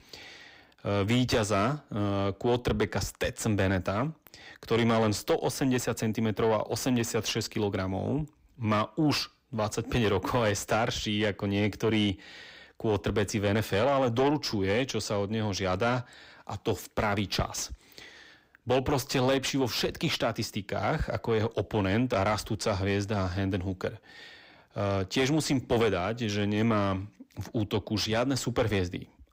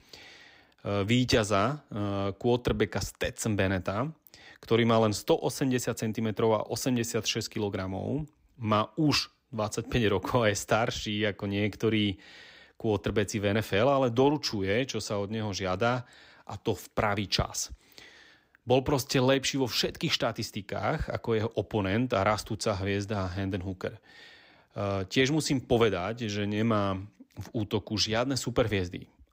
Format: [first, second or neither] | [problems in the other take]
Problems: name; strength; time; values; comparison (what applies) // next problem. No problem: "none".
second | distortion; slight; 10 dB below the speech